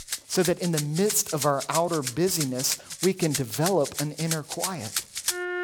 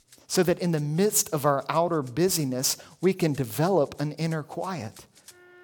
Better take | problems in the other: second | background music; loud; throughout; 5 dB below the speech; faint in the second

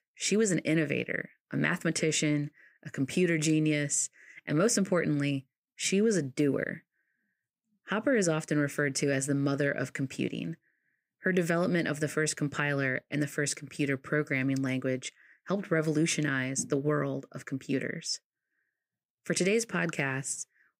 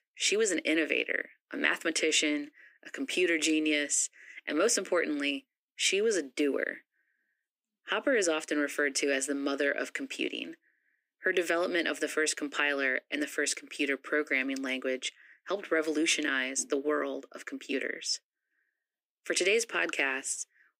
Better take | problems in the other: first | thin; somewhat; fading below 300 Hz

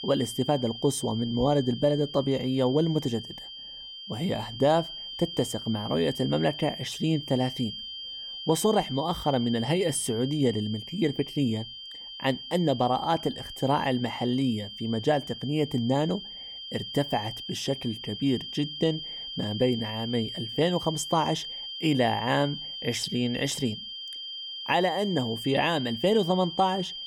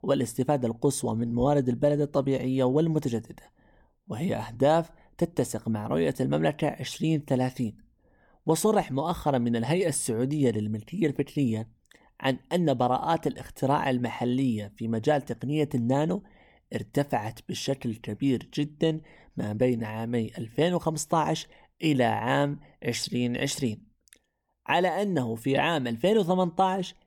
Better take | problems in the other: second | high-pitched whine; loud; throughout; 3 kHz, 9 dB below the speech

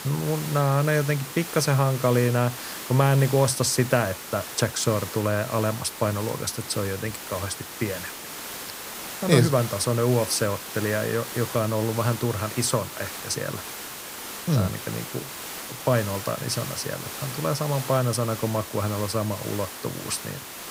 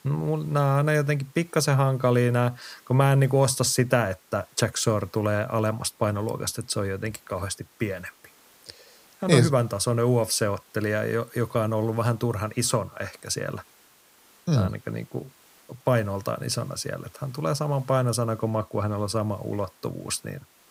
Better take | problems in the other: second | hiss; loud; throughout; 9 dB below the speech; faint in the second

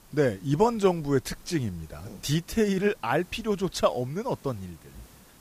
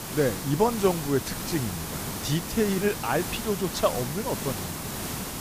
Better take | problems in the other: first | hiss; loud; throughout; 5 dB below the speech; faint in the first

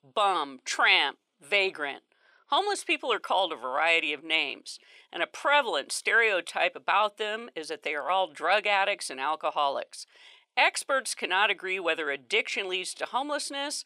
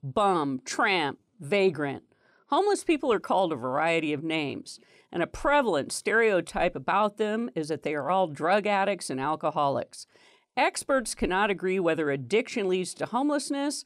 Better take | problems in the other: second | thin; somewhat; fading below 550 Hz

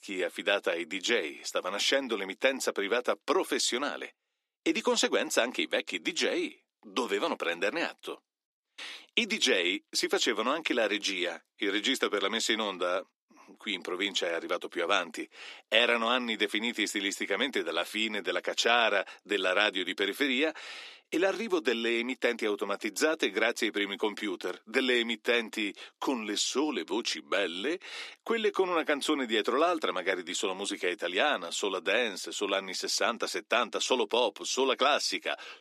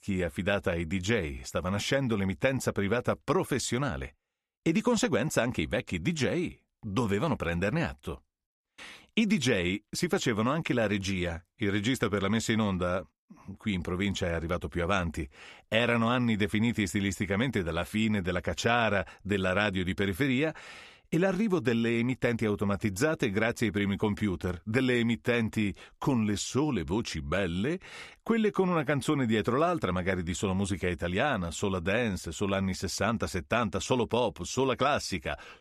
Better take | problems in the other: second | thin; somewhat; fading below 300 Hz

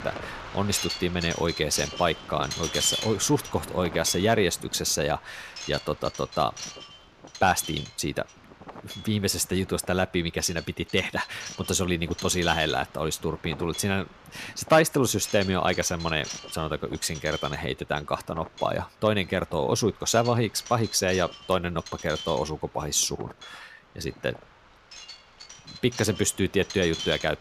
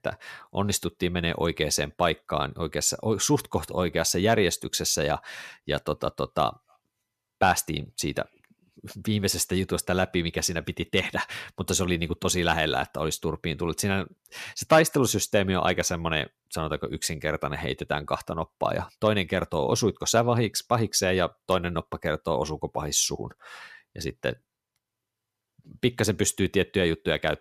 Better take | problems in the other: second | wind noise on the microphone; occasional gusts; 10 dB below the speech

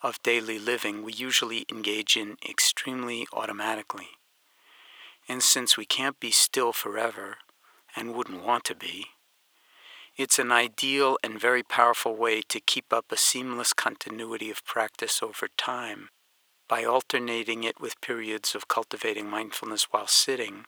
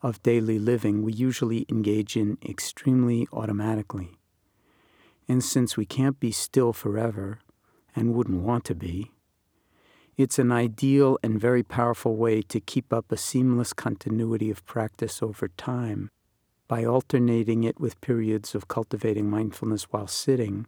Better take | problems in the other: second | thin; very; fading below 900 Hz

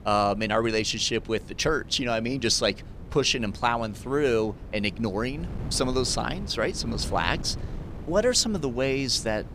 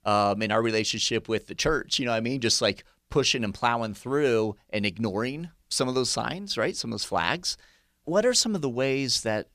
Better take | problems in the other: second | wind noise on the microphone; occasional gusts; 20 dB below the speech

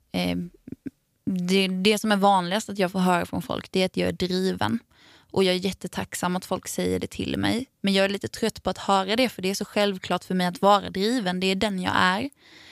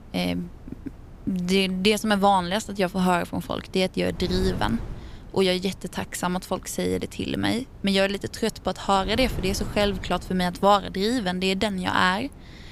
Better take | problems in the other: first | wind noise on the microphone; occasional gusts; 25 dB below the speech

